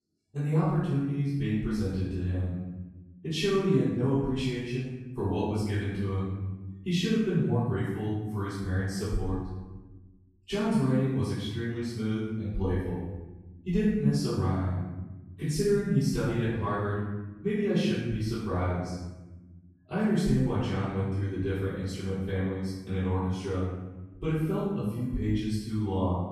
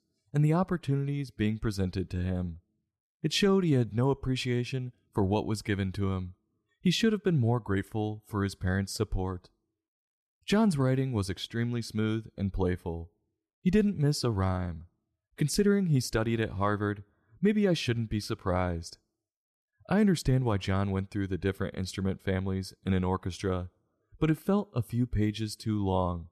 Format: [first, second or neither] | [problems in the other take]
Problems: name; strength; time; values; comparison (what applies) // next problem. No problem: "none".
second | off-mic speech; far // room echo; strong; dies away in 1 s